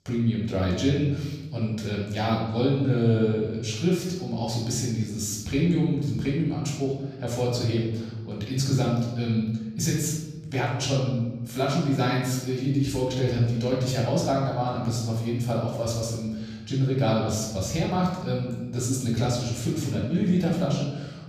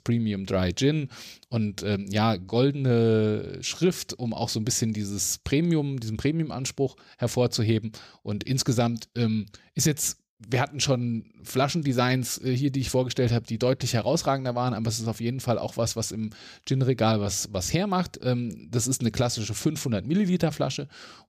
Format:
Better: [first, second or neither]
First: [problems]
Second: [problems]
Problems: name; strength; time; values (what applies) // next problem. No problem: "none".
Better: second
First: off-mic speech; far // room echo; noticeable; dies away in 1.2 s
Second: none